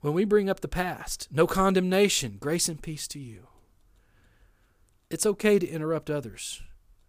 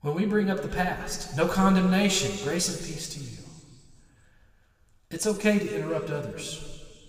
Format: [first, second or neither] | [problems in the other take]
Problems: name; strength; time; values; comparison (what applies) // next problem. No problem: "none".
first | room echo; slight; dies away in 2.1 s // off-mic speech; somewhat distant